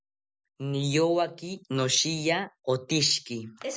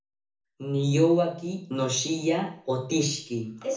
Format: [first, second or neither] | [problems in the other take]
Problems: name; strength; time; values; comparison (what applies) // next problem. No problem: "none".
first | room echo; dies away in 0.6 s